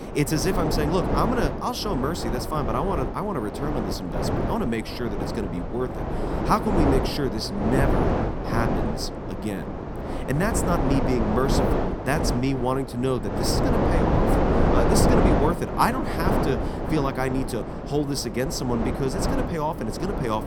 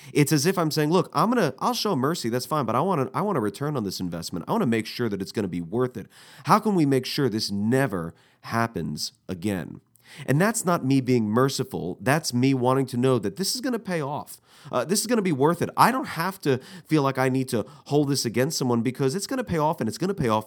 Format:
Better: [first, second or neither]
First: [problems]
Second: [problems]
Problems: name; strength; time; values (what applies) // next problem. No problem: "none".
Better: second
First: wind noise on the microphone; heavy; as loud as the speech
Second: none